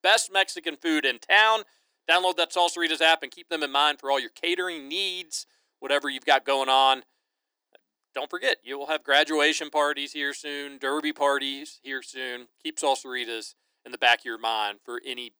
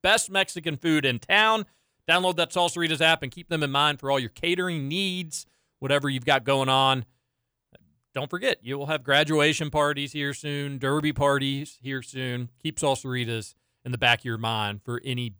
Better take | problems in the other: second | thin; somewhat; fading below 300 Hz

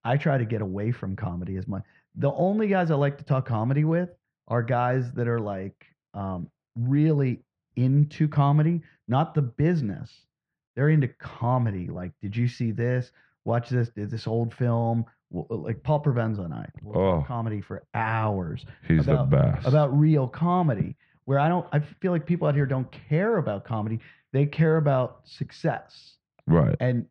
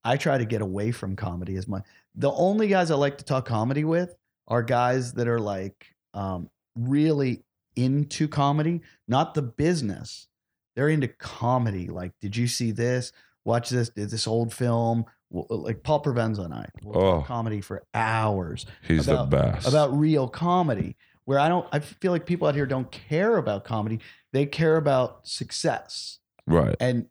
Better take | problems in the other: second | muffled; slightly; fading above 2 kHz

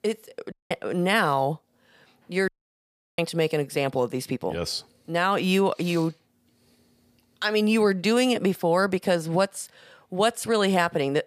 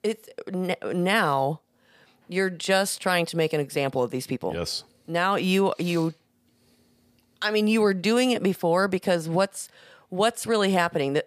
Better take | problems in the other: second | audio cutting out; at 0.5 s and at 2.5 s for 0.5 s

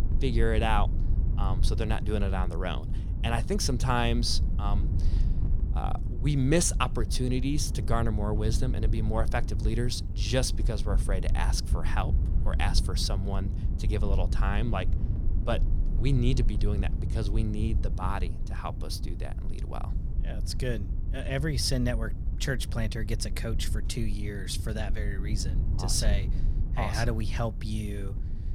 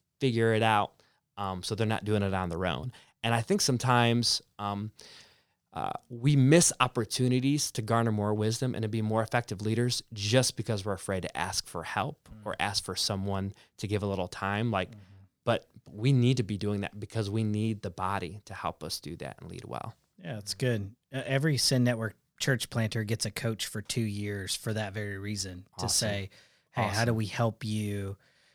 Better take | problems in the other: second | wind noise on the microphone; occasional gusts; 15 dB below the speech

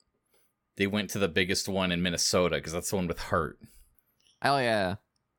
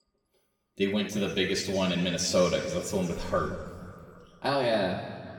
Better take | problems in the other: first | room echo; noticeable; dies away in 2 s // off-mic speech; far

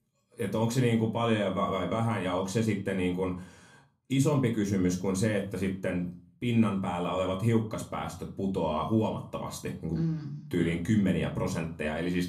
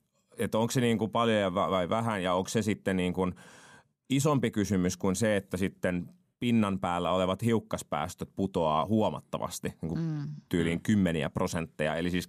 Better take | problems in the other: second | off-mic speech; somewhat distant // room echo; very slight; dies away in 0.3 s

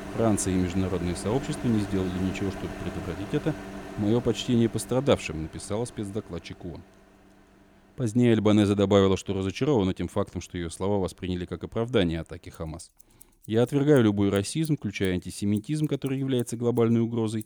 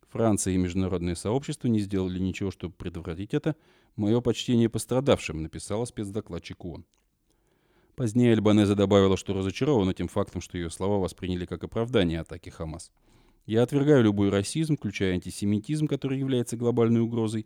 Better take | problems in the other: second | household noises; noticeable; throughout; 15 dB below the speech

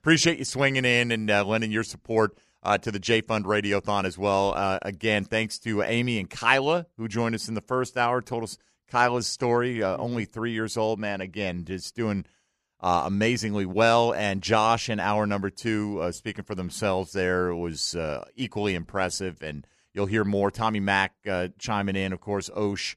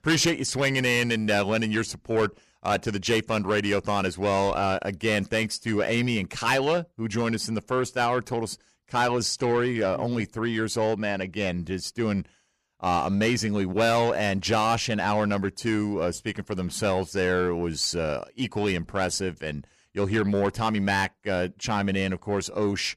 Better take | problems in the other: first | distortion; slight; 10 dB below the speech

